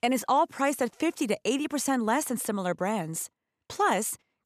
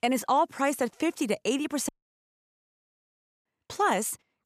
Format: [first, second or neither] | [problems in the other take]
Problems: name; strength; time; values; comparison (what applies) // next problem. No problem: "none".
first | audio cutting out; at 2 s for 1.5 s